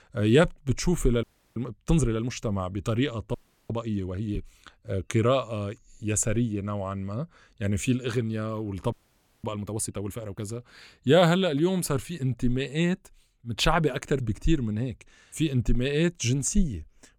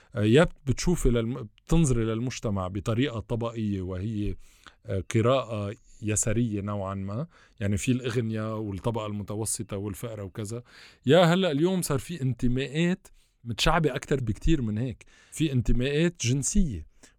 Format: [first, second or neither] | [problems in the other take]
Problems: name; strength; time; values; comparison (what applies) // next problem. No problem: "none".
second | audio freezing; at 1 s, at 3.5 s and at 9 s for 0.5 s